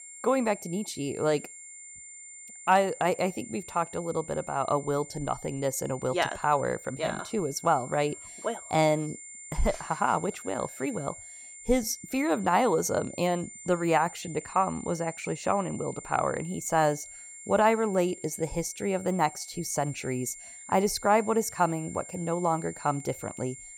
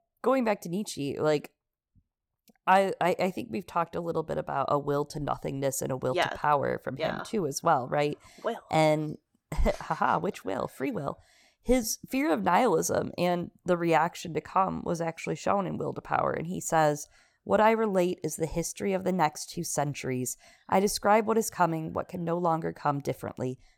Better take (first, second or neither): second